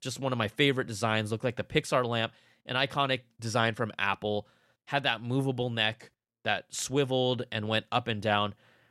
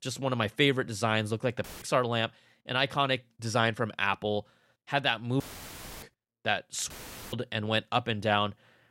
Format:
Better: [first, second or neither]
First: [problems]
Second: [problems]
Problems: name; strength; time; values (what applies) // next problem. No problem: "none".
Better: first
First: none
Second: audio cutting out; filled with static; at 1.5 s, at 5.5 s for 0.5 s and at 7 s